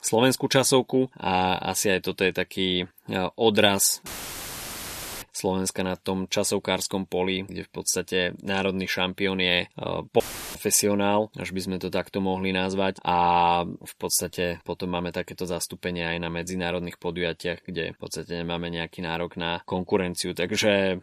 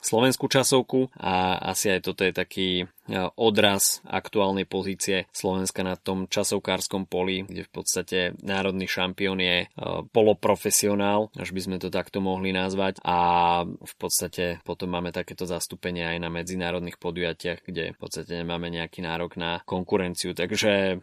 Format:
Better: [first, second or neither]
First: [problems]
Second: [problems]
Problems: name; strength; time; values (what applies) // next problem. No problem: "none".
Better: second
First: audio cutting out; filled with static; at 4 s for 1 s and at 10 s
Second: none